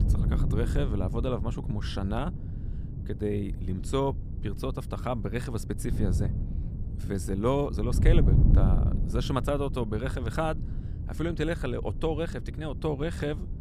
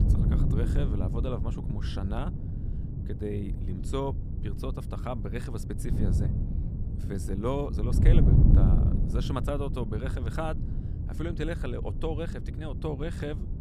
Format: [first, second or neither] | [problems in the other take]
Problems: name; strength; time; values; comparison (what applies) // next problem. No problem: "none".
first | wind noise on the microphone; heavy; 4 dB below the speech; occasional gusts in the first